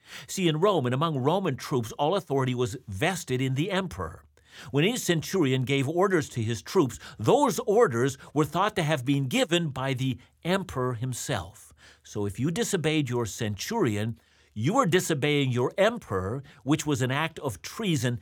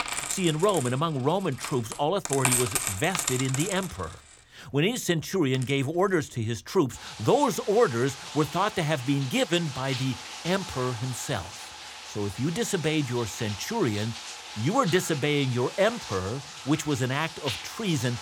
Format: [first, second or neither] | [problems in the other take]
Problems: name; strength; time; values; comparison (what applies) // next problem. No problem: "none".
first | household noises; loud; throughout; 7 dB below the speech